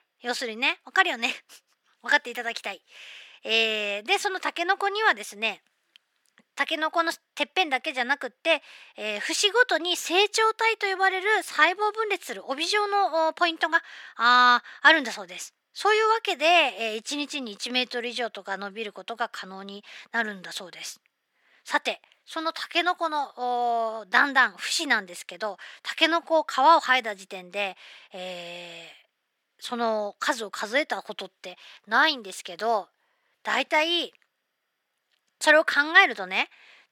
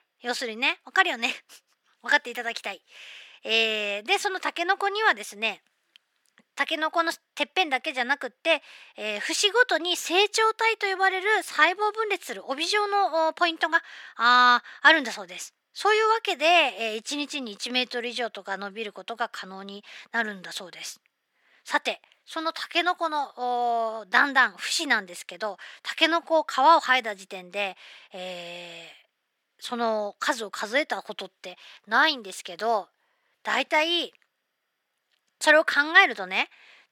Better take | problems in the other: neither | thin; somewhat; fading below 500 Hz; the same in both

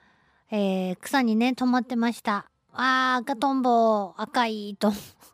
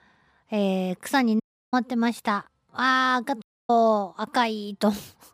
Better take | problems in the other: first | audio cutting out; at 1.5 s and at 3.5 s

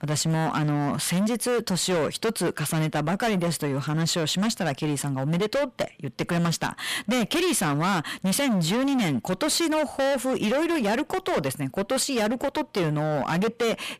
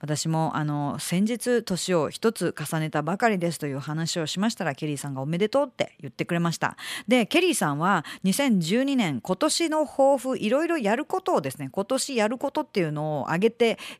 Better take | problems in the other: second | distortion; heavy; 26% of the sound clipped

